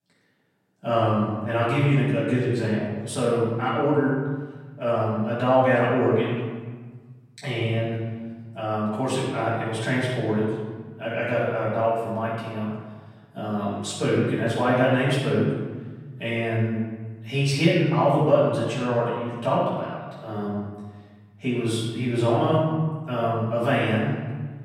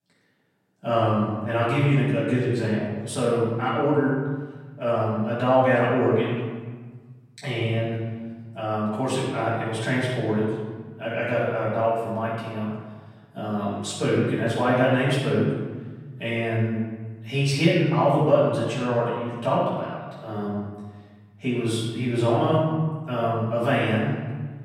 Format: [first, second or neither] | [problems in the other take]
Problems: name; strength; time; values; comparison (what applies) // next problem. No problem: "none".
neither | room echo; strong; dies away in 1.5 s; the same in both // off-mic speech; far; the same in both